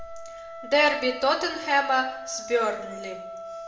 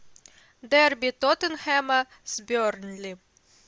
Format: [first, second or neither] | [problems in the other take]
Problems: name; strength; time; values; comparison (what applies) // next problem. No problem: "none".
second | background sound (Wind instrument, woodwind instrument); 12 dB below the speech // room echo; dies away in 0.7 s